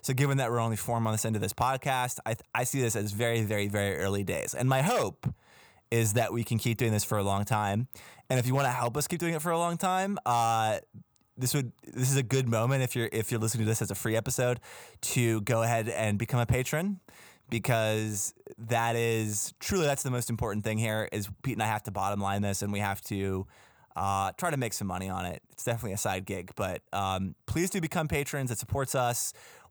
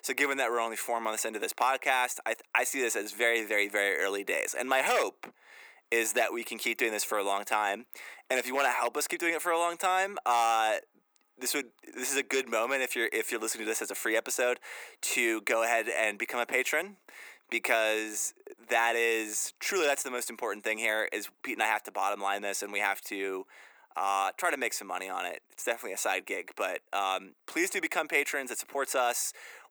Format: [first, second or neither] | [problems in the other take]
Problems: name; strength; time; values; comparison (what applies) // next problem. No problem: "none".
first | thin; very; fading below 300 Hz